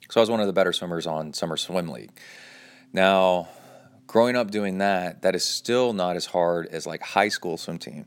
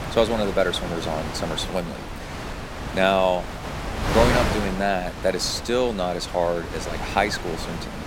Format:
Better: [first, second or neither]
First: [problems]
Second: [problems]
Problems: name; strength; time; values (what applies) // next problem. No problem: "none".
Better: first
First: none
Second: wind noise on the microphone; heavy; 7 dB below the speech